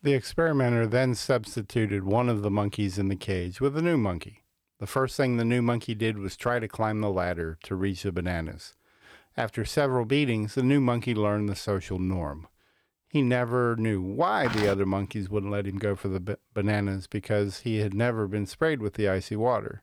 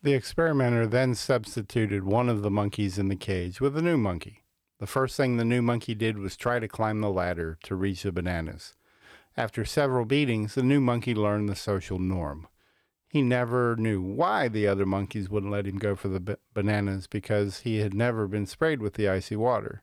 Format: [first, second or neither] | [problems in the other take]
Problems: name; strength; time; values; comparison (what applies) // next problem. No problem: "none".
second | footsteps; noticeable; at 14 s; peak 5 dB below the speech